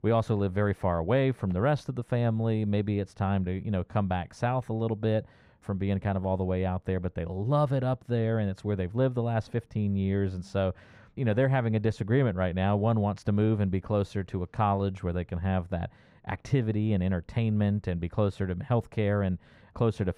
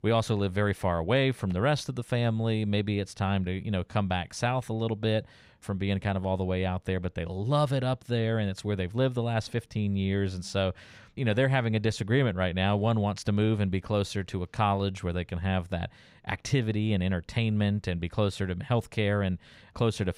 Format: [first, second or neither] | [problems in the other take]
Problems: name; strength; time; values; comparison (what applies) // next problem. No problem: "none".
second | muffled; slightly; fading above 2 kHz